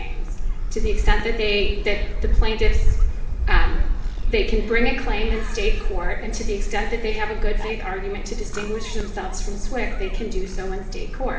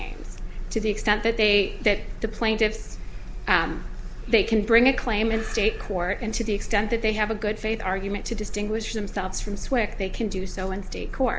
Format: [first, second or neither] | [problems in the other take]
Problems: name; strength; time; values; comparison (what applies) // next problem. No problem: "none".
second | background sound (Gull, seagull); 4 dB above the speech // room echo; dies away in 1.1 s